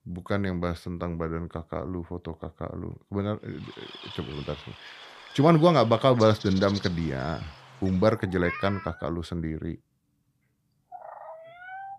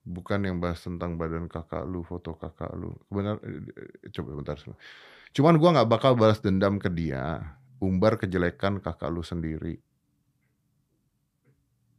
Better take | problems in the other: second | animal sounds; noticeable; from 3.5 s on; 15 dB below the speech

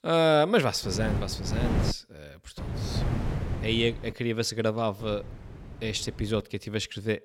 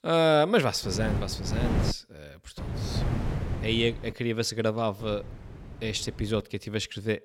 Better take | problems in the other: neither | wind noise on the microphone; occasional gusts; from 1 to 2 s, from 2.5 to 4 s and from 5 to 6.5 s; 10 dB below the speech; the same in both

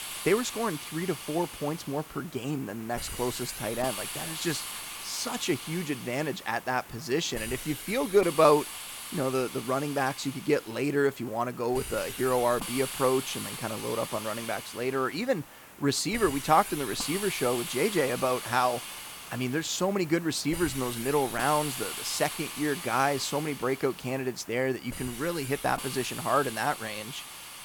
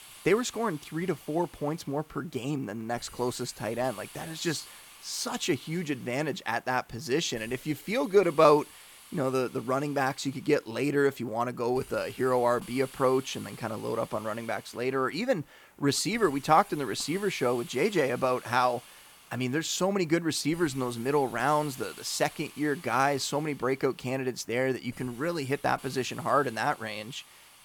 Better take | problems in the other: second | hiss; loud; throughout; 8 dB below the speech; faint in the second

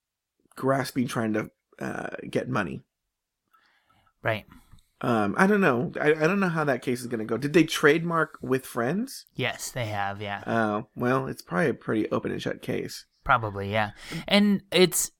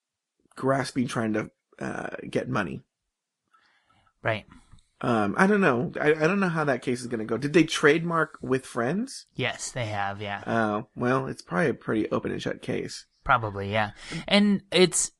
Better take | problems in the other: first | garbled, watery; slightly; nothing above 10.5 kHz

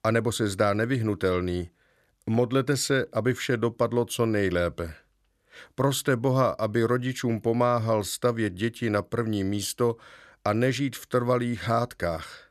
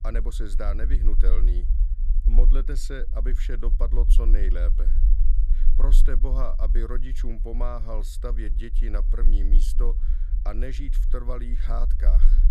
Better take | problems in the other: first | low rumble; noticeable; throughout; 10 dB below the speech

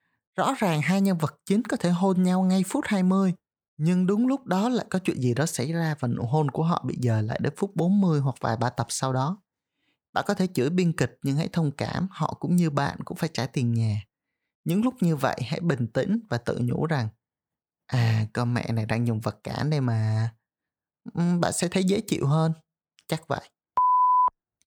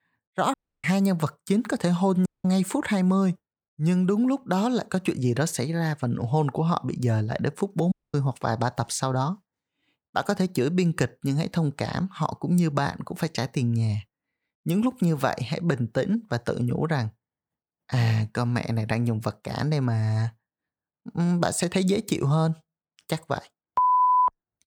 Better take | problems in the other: first | audio cutting out; at 0.5 s, at 2.5 s and at 8 s

